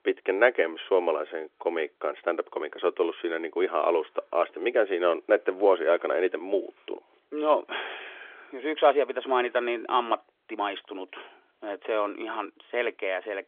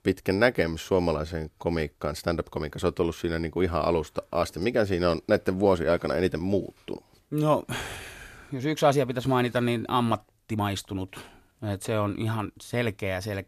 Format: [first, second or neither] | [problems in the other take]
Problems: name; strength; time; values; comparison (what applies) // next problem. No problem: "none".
second | phone-call audio; nothing above 3.5 kHz